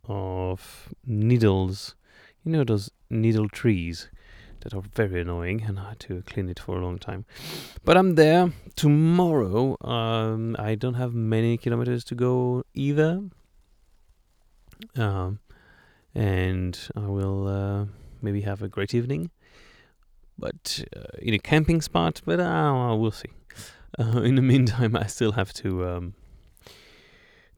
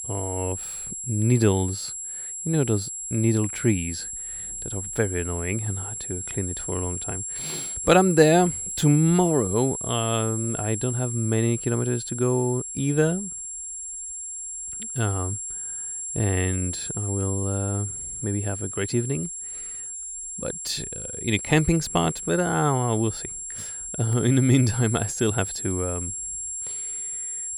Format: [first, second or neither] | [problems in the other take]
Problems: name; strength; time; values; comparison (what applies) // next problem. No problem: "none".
first | high-pitched whine; loud; throughout; 7.5 kHz, 6 dB below the speech